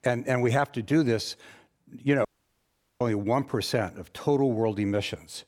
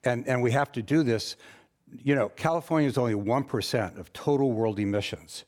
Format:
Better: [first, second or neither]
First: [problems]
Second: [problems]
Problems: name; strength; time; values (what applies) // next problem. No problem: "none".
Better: second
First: audio cutting out; at 2.5 s for 1 s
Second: none